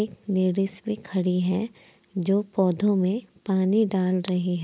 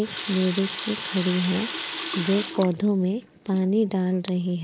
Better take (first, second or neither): first